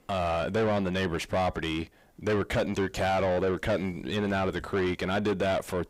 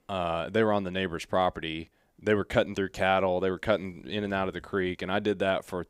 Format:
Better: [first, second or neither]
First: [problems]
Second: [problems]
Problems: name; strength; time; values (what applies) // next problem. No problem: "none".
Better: second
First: distortion; heavy; 6 dB below the speech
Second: none